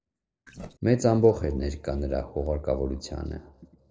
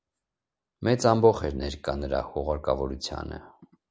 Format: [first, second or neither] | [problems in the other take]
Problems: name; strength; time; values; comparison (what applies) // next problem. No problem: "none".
second | noise reduction (neural separator model SepFormer DNS4)